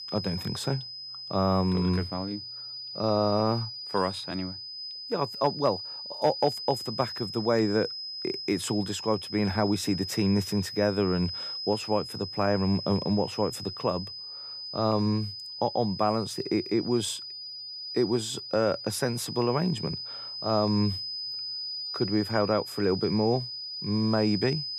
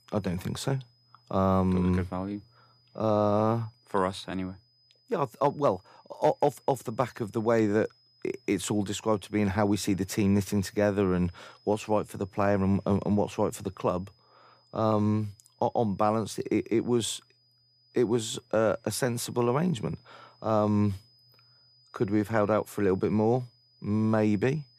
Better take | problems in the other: second | high-pitched whine; loud; throughout; 5 kHz, 7 dB below the speech; faint in the second

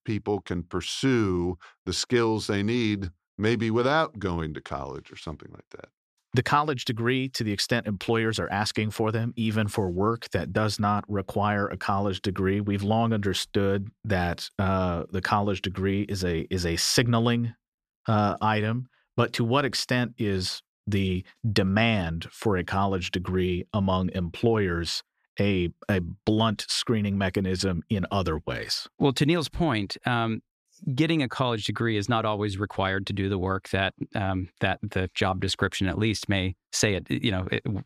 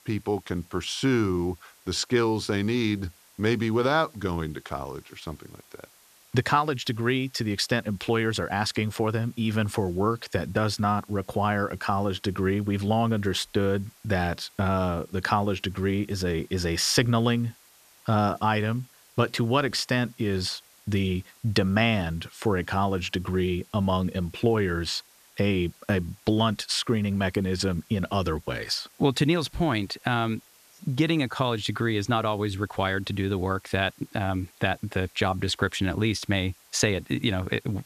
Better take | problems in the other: first | hiss; faint; throughout; 25 dB below the speech

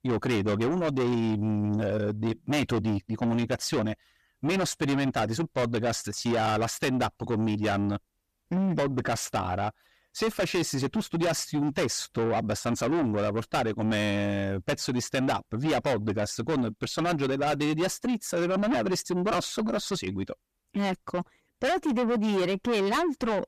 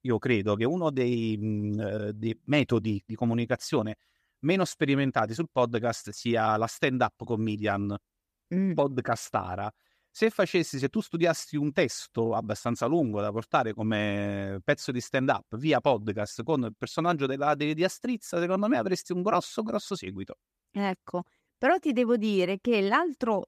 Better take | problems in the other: second | distortion; heavy; 6 dB below the speech

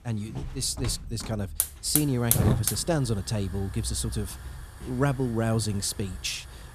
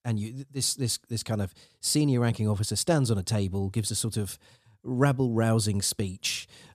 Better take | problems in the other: second | hiss; loud; throughout; 1 dB below the speech

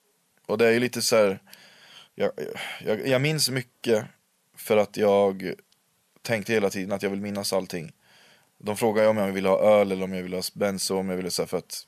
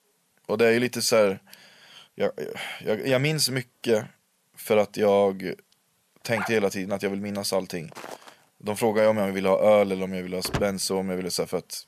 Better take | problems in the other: first | dog barking; noticeable; at 6.5 s; peak 9 dB below the speech // footsteps; faint; at 8 s; peak 15 dB below the speech // door banging; noticeable; at 10 s; peak 8 dB below the speech

